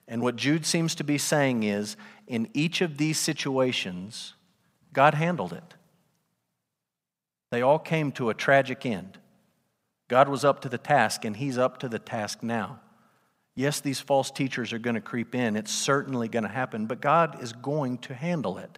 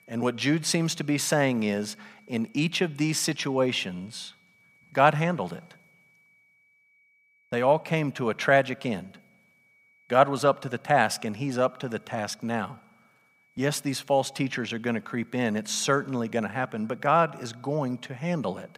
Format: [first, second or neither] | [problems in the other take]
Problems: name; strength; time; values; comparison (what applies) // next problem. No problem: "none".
first | high-pitched whine; faint; throughout; 2.5 kHz, 35 dB below the speech